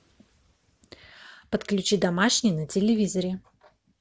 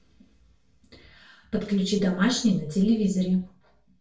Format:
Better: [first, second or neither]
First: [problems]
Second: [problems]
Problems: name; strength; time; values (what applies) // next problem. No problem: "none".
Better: first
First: none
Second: room echo; dies away in 0.4 s